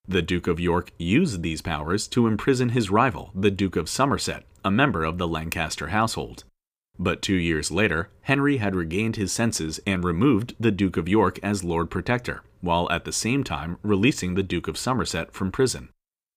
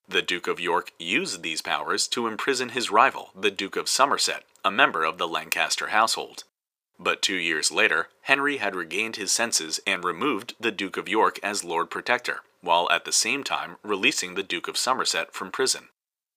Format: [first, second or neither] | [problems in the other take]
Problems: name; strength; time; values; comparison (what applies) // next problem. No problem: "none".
first | thin; very; fading below 600 Hz